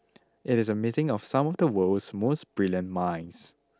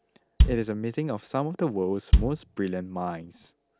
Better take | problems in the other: first | background sound (Bass drum); 4 dB above the speech

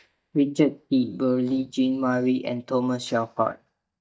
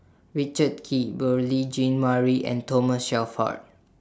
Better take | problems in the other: second | noise reduction (neural mask model DeepFilterNet 3)

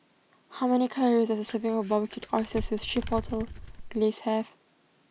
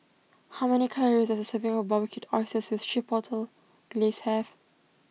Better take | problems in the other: second | background sound (Crumpling, crinkling); 10 dB below the speech

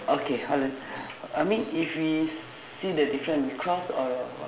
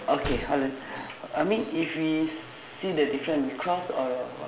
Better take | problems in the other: first | background sound (Gunshot, gunfire); 13 dB below the speech

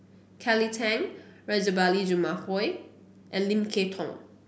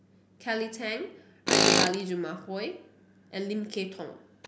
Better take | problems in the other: first | background sound (Tools); 4 dB above the speech

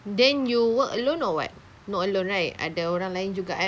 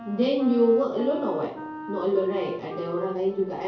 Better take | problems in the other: first | background sound (Wind instrument, woodwind instrument); 12 dB below the speech // room echo; dies away in 2.4 s

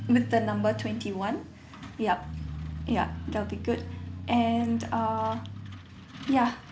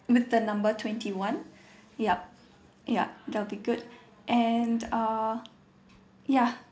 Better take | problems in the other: second | background sound (Truck); 9 dB below the speech

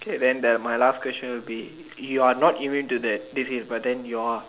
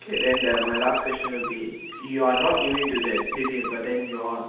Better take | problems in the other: first | background sound (Animal); 5 dB below the speech // room echo; dies away in 0.8 s

